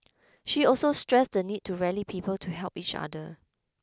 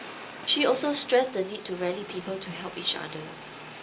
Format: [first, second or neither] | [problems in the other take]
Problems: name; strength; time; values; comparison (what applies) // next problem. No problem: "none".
first | background sound (Fire); 13 dB below the speech // room echo; dies away in 0.2 s